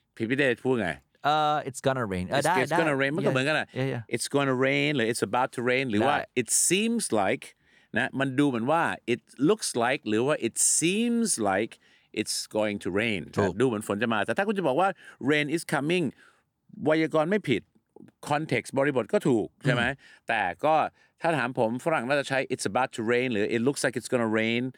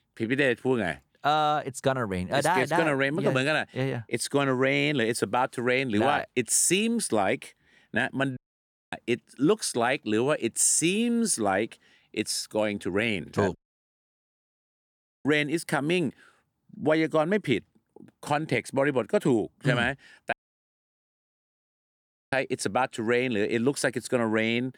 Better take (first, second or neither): first